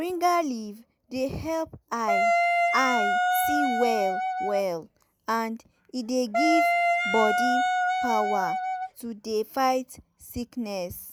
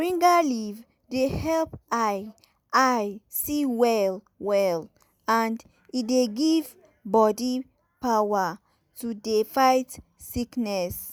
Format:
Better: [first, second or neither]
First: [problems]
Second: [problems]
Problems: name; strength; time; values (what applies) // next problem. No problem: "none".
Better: second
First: background sound (Wind instrument, woodwind instrument); 4 dB above the speech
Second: none